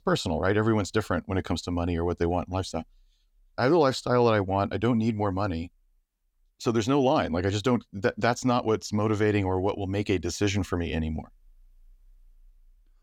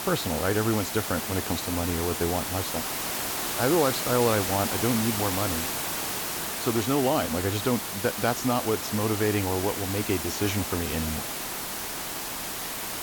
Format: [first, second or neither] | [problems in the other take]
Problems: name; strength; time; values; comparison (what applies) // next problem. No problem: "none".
first | hiss; loud; throughout; 2 dB below the speech